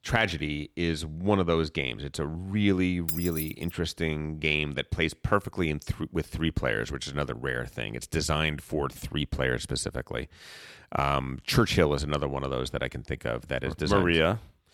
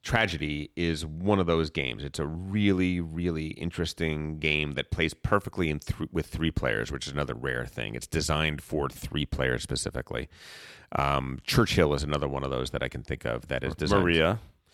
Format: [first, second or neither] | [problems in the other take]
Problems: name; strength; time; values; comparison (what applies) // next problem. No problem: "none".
second | jangling keys; noticeable; at 3 s; peak 2 dB below the speech